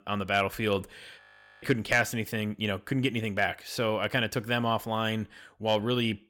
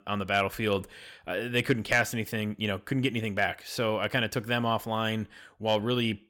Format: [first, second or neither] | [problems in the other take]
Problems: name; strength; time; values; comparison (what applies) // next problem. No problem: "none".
second | audio freezing; at 1 s